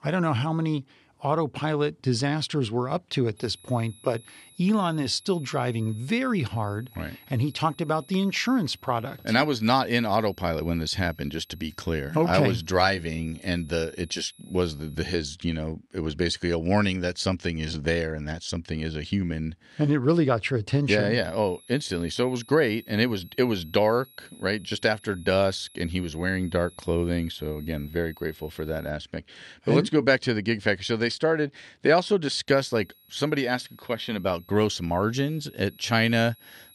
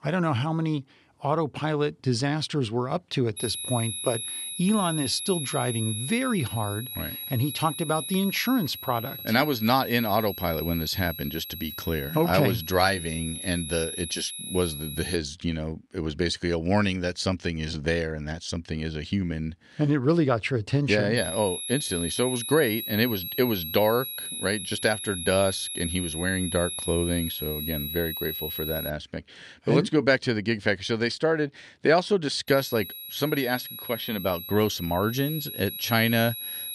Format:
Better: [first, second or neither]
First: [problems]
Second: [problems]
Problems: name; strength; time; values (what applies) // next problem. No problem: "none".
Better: first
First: high-pitched whine; faint; from 3.5 to 15 s, from 21 to 29 s and from 32 s on; 4 kHz, 25 dB below the speech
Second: high-pitched whine; loud; from 3.5 to 15 s, from 21 to 29 s and from 32 s on; 4 kHz, 6 dB below the speech